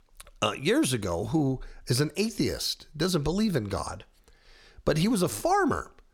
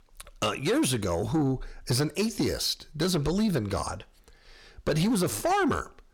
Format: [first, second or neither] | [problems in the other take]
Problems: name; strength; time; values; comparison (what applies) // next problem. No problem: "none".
first | distortion; slight; 10 dB below the speech